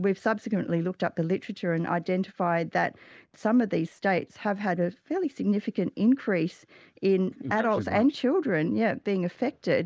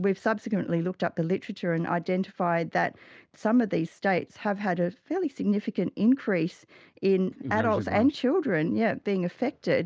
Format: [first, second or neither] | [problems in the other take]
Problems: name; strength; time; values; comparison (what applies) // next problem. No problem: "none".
second | noise reduction (neural mask model Resemble Enhance denoiser)